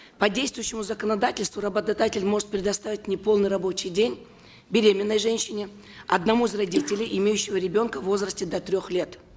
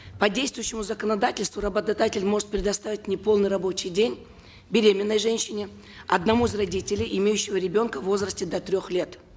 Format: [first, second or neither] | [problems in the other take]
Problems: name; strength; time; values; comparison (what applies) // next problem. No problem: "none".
second | noise reduction (neural mask model Resemble Enhance denoiser)